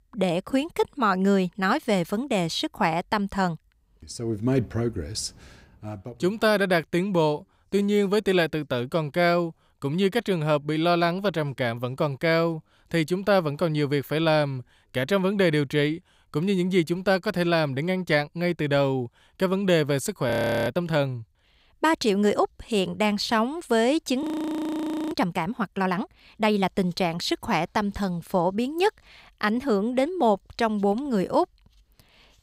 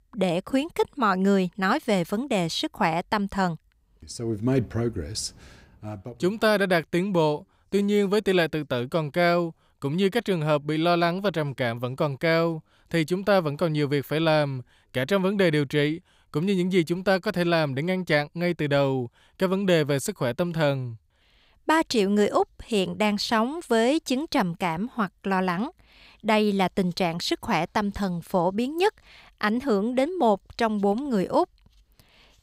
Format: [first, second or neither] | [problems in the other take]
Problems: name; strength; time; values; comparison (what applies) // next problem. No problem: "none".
second | audio freezing; at 20 s and at 24 s for 1 s